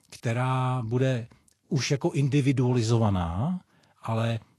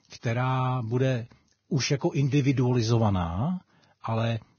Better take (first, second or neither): first